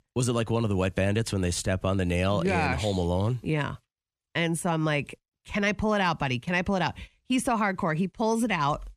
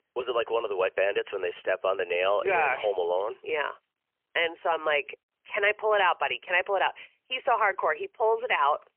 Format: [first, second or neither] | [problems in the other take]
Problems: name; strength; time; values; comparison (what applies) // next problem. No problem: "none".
first | phone-call audio; poor line; nothing above 3 kHz